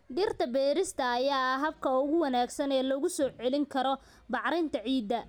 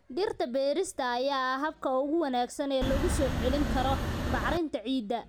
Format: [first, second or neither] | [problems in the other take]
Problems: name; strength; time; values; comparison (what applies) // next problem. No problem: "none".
first | background sound (Wind); as loud as the speech